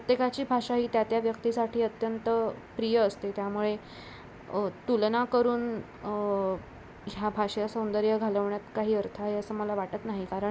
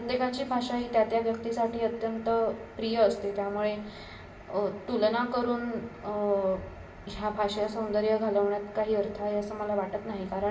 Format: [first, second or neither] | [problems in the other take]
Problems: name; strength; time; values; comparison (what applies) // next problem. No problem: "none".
first | room echo; dies away in 0.8 s